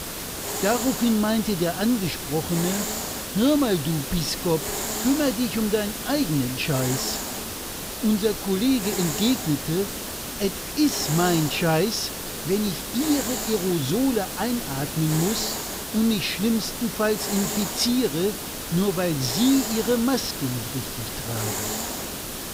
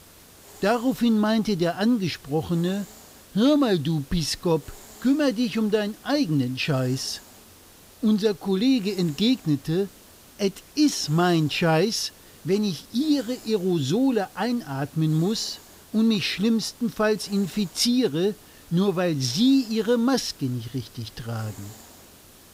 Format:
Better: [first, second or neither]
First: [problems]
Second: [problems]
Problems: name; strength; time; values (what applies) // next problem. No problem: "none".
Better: second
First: hiss; loud; throughout; 4 dB below the speech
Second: hiss; faint; throughout; 25 dB below the speech